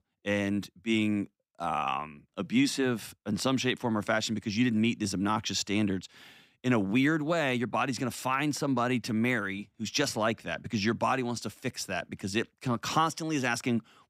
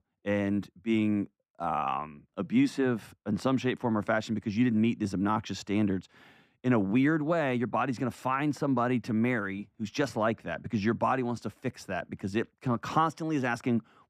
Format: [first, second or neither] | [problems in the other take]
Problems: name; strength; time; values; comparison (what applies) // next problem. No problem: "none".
first | muffled; slightly; fading above 2.5 kHz